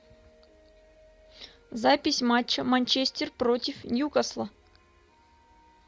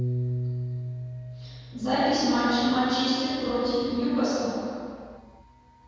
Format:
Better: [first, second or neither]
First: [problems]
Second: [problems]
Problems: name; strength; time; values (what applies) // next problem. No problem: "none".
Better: first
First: none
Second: background sound (Piano); 8 dB below the speech // room echo; dies away in 2.1 s